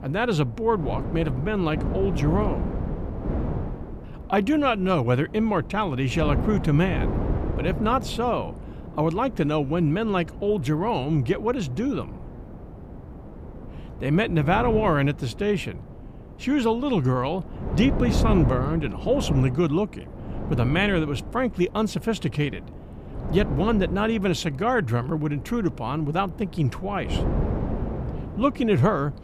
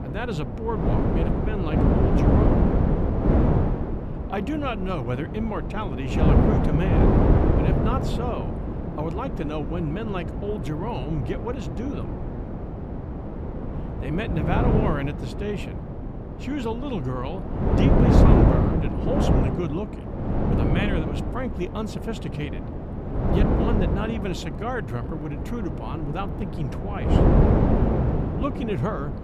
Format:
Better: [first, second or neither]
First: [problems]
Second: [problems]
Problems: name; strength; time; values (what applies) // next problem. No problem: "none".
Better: first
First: wind noise on the microphone; occasional gusts; 10 dB below the speech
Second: wind noise on the microphone; heavy; 2 dB above the speech